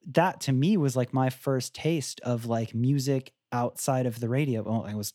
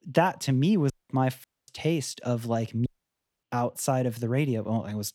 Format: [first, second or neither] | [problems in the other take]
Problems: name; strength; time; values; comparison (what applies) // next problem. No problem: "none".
first | audio cutting out; at 1 s, at 1.5 s and at 3 s for 0.5 s